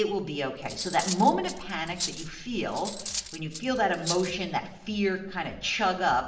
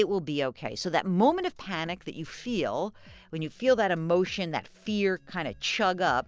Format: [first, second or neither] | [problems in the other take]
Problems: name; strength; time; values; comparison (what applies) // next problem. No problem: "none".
second | background sound (Cutlery, silverware); 9 dB below the speech // room echo; dies away in 0.7 s